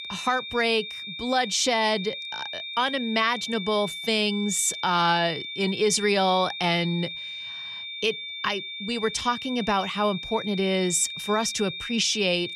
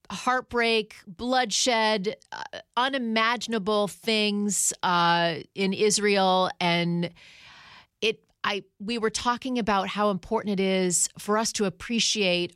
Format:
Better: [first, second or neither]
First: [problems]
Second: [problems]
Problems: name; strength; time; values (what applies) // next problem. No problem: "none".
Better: second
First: high-pitched whine; loud; throughout; 3.5 kHz, 8 dB below the speech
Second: none